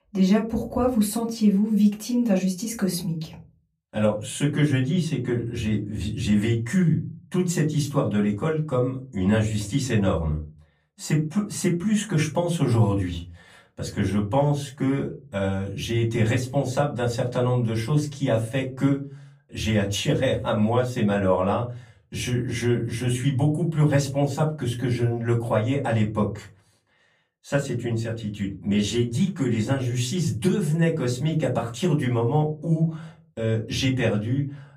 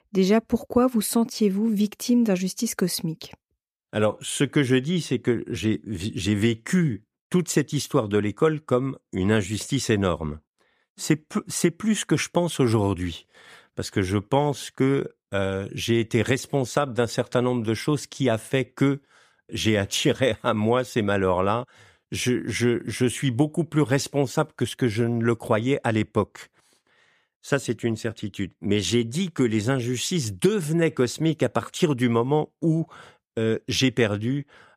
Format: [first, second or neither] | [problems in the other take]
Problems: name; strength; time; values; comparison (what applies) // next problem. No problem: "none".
second | off-mic speech; far // room echo; very slight; dies away in 0.4 s